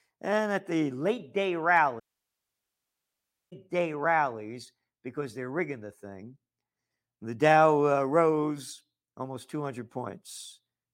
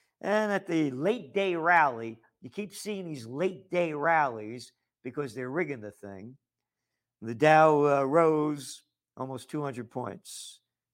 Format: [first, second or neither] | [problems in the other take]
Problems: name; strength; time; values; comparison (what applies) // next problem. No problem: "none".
second | audio cutting out; at 2 s for 1.5 s